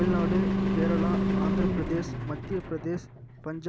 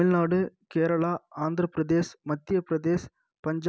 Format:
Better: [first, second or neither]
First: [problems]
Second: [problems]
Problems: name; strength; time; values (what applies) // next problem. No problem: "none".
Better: second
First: background sound (Engine); 4 dB above the speech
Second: none